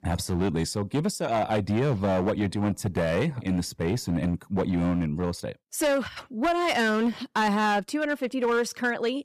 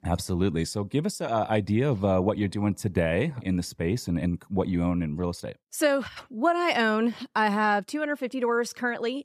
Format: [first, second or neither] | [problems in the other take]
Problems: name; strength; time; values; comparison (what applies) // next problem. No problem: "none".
second | distortion; slight; 11% of the sound clipped